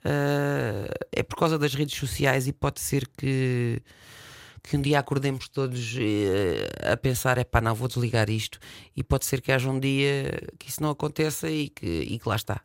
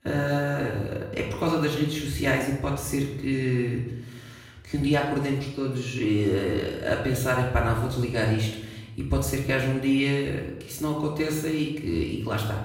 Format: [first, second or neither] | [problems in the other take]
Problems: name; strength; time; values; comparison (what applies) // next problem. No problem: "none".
first | off-mic speech; far // room echo; noticeable; dies away in 0.8 s